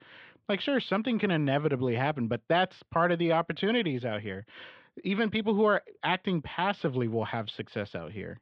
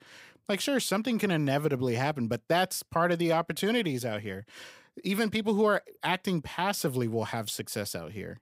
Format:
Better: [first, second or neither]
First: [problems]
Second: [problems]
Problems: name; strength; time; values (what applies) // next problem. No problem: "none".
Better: second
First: muffled; very; fading above 3.5 kHz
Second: none